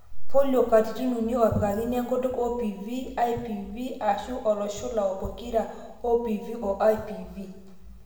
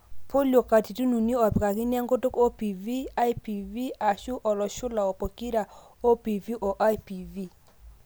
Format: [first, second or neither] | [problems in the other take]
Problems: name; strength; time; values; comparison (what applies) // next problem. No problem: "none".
second | room echo; dies away in 1.1 s